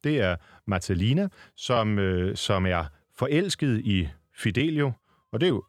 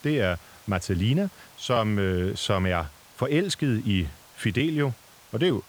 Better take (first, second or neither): first